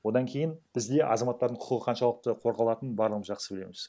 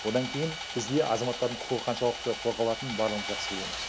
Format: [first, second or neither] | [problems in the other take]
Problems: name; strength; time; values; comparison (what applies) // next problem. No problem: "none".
first | background sound (Sawing); 7 dB below the speech